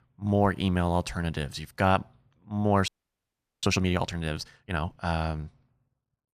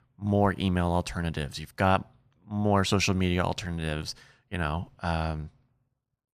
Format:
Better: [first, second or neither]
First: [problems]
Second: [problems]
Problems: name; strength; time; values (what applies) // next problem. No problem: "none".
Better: second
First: audio freezing; at 3 s for 1 s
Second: none